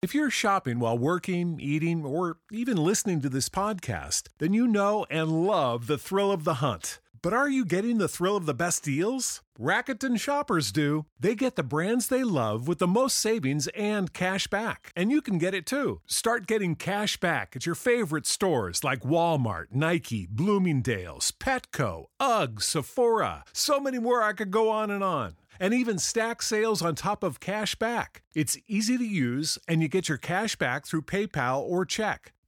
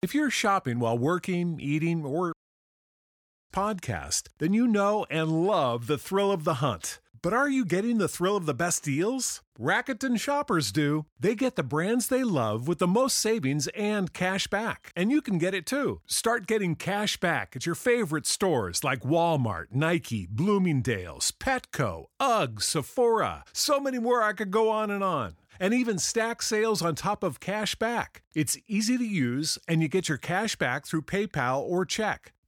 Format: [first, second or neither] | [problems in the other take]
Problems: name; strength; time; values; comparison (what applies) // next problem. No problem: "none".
first | audio cutting out; at 2.5 s for 1 s